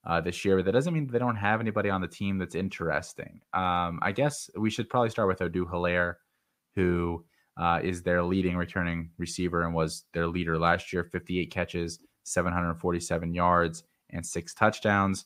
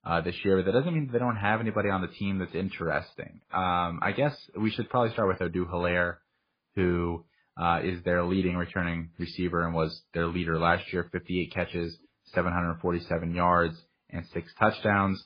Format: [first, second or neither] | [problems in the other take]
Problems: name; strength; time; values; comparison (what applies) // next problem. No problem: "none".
first | garbled, watery; badly; nothing above 5 kHz